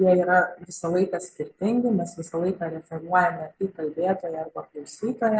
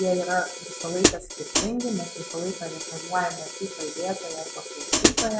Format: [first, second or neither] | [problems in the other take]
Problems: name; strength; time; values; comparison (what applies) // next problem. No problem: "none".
first | background sound (Hi-hat); 1 dB above the speech